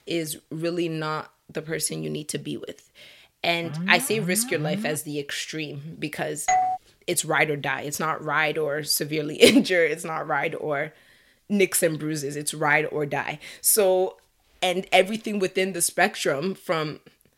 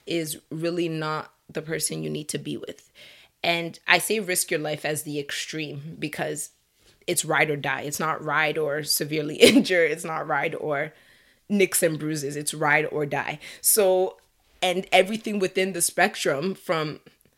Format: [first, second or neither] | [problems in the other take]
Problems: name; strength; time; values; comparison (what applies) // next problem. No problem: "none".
second | alarm; noticeable; from 3.5 to 5 s; peak 7 dB below the speech // doorbell; loud; at 6.5 s; peak 1 dB above the speech